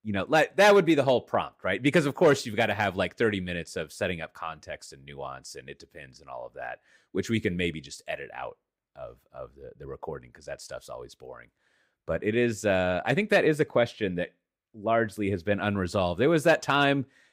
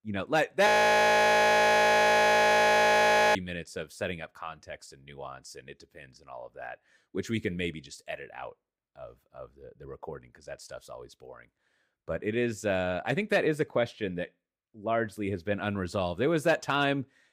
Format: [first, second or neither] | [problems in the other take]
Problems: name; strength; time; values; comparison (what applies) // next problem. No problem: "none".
first | audio freezing; at 0.5 s for 2.5 s